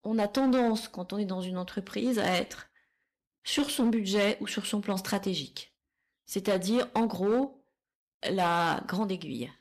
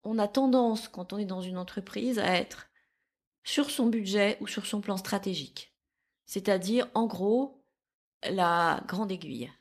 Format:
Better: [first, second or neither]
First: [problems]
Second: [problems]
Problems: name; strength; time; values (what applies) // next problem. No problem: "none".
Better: second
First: distortion; slight; 5% of the sound clipped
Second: none